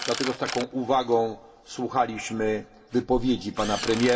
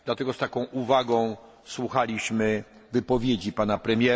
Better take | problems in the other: second | background sound (Drill); 12 dB below the speech // room echo; dies away in 0.2 s

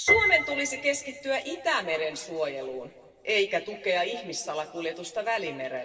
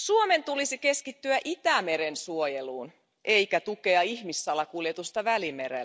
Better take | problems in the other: second | background sound (Piano); 4 dB below the speech // room echo; dies away in 1.9 s

